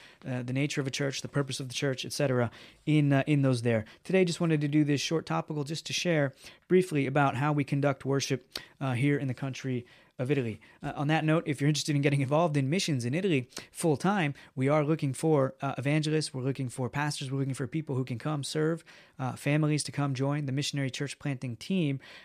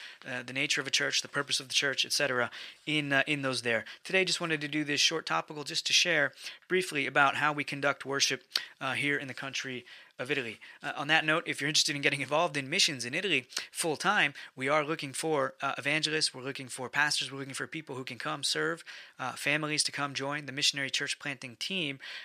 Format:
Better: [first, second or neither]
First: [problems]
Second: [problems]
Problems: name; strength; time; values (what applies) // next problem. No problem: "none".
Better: first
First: none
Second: thin; somewhat; fading below 1 kHz